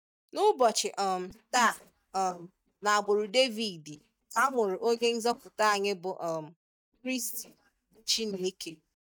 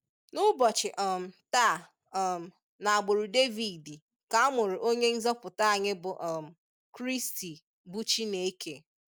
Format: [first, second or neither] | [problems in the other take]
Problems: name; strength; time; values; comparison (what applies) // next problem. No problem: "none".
second | noise reduction (neural mask model DeepFilterNet 3)